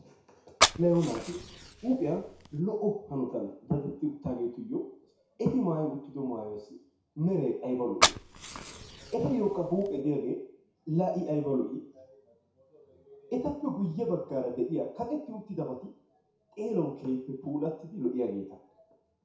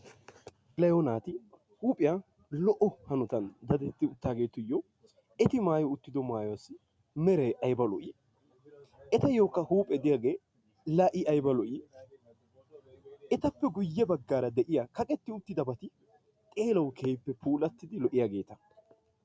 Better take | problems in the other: second | background sound (Fire); as loud as the speech // room echo; dies away in 0.6 s

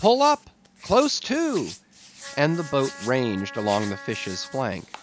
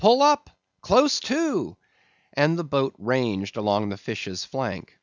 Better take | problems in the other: second | background sound (Wind instrument, woodwind instrument + Hands); 16 dB below the speech

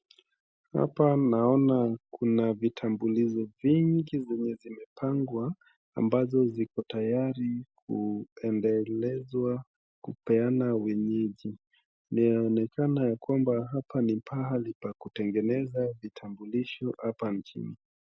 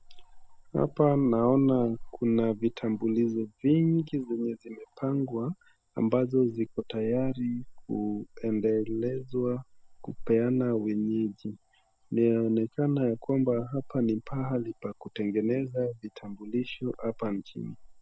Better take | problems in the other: first | background sound (Cricket / Frog); 17 dB below the speech

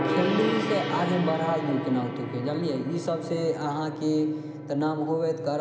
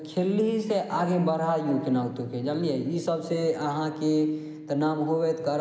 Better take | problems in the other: second | background sound (Gong); 5 dB below the speech

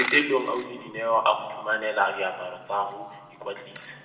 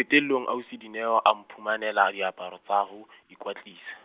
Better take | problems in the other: second | background sound (Coin (dropping)); 13 dB below the speech // room echo; dies away in 1.3 s

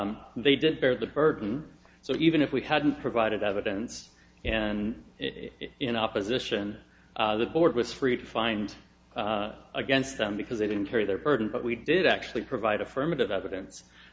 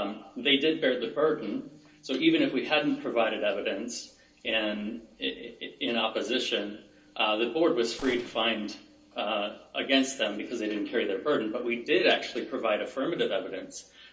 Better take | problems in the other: first | noise reduction (neural separator model SepFormer DNS4)

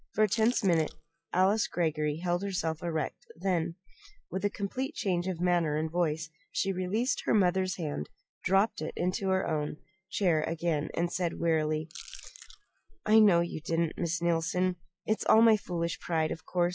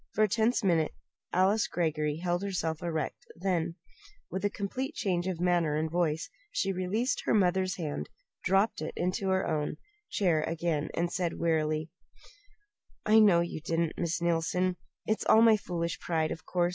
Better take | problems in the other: second | noise reduction (classical method log-MMSE)

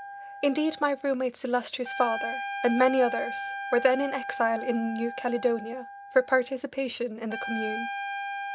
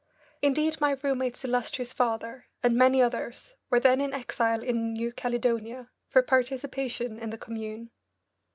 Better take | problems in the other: second | background sound (Trumpet); 8 dB below the speech

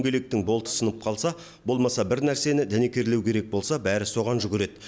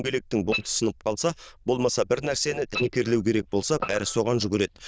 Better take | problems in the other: first | noise reduction (neural diffusion model UNIVERSE++)

